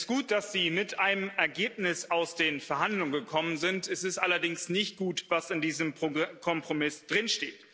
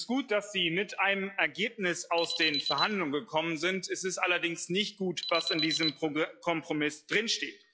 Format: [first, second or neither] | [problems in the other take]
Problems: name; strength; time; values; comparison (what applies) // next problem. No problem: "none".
first | noise reduction (classical method log-MMSE)